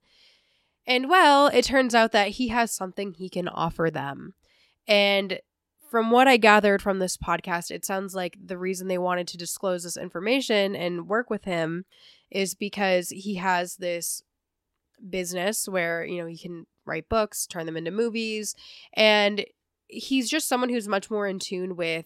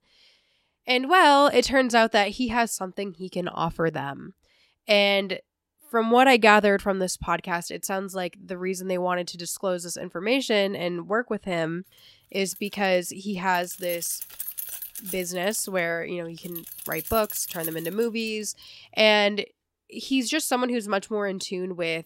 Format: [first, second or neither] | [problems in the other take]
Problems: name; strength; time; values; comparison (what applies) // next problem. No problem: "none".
first | jangling keys; noticeable; from 13 to 18 s; peak 7 dB below the speech